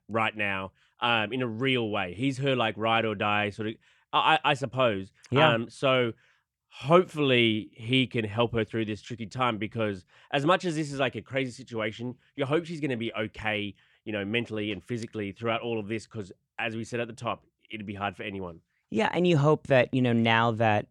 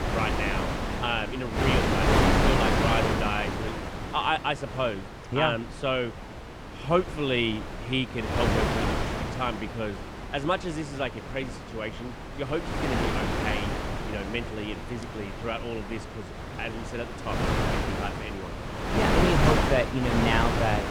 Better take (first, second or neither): first